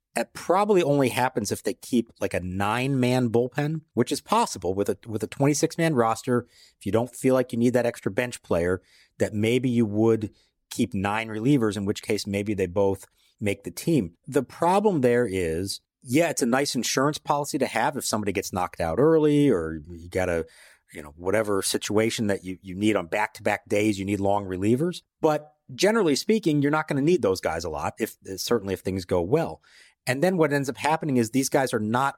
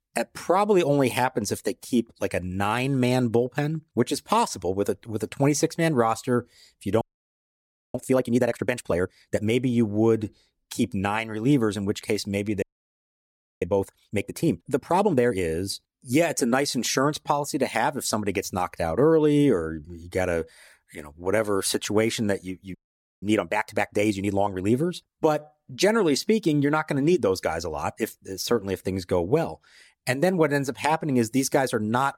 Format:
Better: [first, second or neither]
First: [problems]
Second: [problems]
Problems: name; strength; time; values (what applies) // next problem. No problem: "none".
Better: first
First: none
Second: audio freezing; at 7 s for 1 s, at 13 s for 1 s and at 23 s